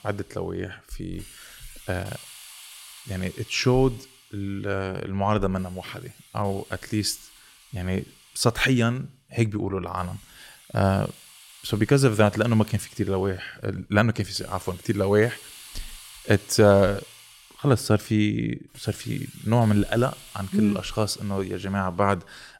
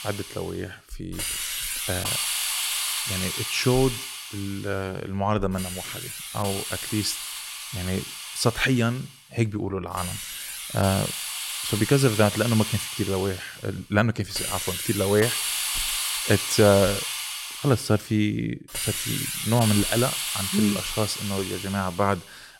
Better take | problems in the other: first | hiss; loud; throughout; 3 dB below the speech; faint in the first

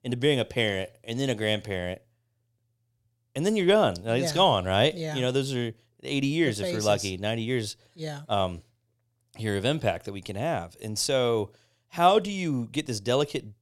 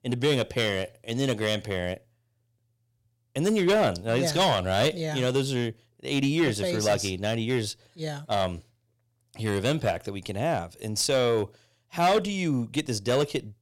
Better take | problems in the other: first | distortion; slight; 4% of the sound clipped

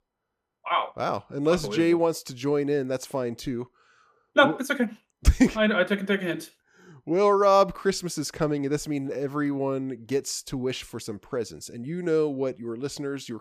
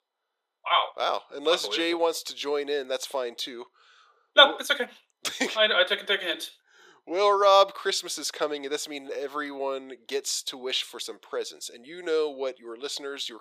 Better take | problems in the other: first | thin; very; fading below 450 Hz

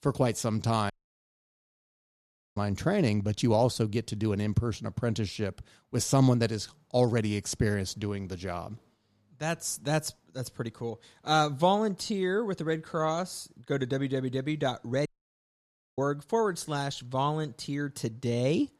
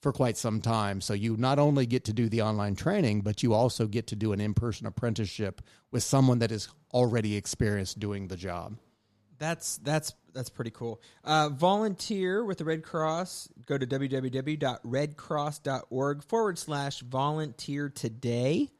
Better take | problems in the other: second | audio cutting out; at 1 s for 1.5 s and at 15 s for 1 s

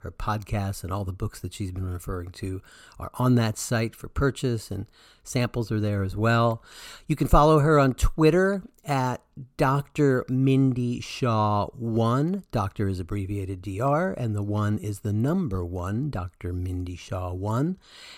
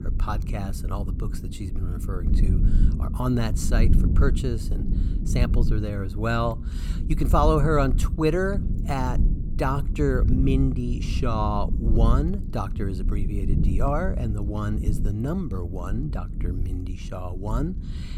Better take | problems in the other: first | low rumble; noticeable; throughout; 10 dB below the speech

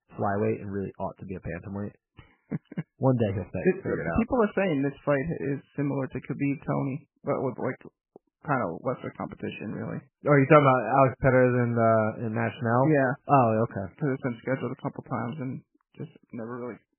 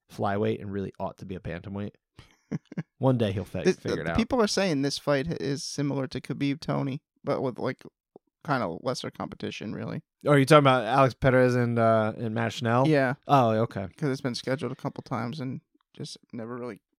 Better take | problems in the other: second | garbled, watery; badly; nothing above 2.5 kHz

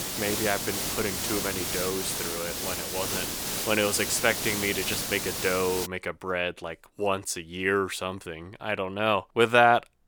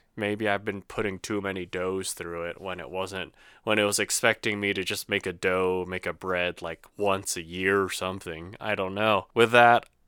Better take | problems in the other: second | hiss; loud; until 6 s; 2 dB below the speech

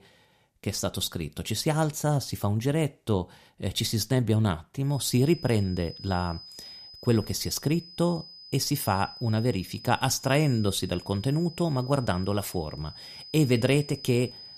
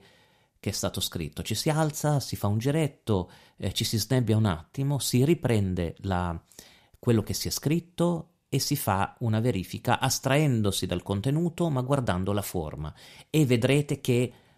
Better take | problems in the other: second | high-pitched whine; noticeable; from 5 s on; 5 kHz, 15 dB below the speech

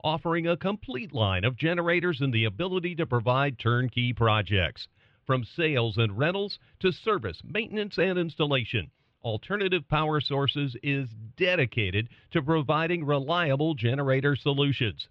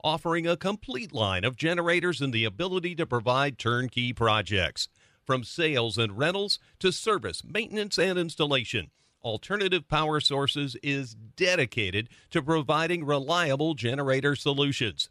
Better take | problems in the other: second | muffled; slightly; fading above 3 kHz

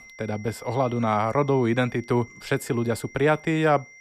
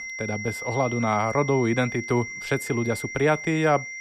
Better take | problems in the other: first | high-pitched whine; loud; throughout; 2 kHz, 8 dB below the speech; faint in the first

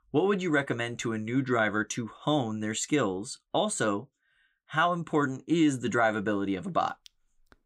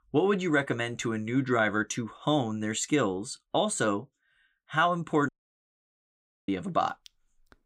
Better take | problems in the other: first | audio cutting out; at 5.5 s for 1 s

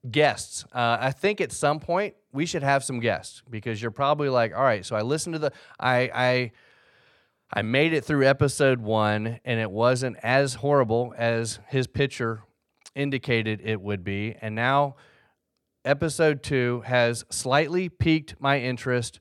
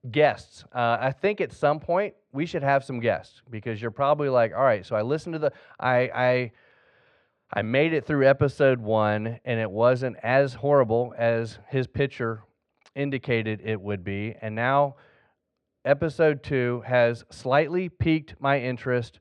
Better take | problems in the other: first | muffled; slightly; fading above 3 kHz

